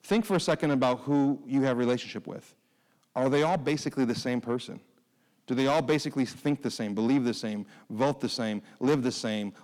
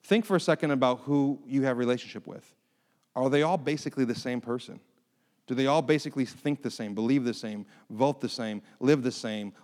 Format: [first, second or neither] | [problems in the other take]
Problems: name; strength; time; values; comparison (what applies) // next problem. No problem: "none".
second | distortion; slight; 10 dB below the speech